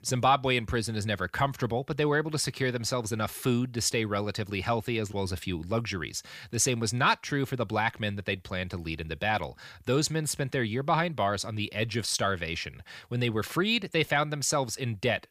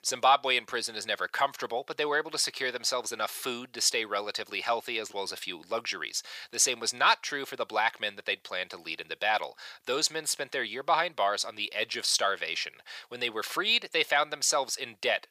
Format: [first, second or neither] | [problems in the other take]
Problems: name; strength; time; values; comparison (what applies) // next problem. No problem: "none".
first | thin; very; fading below 600 Hz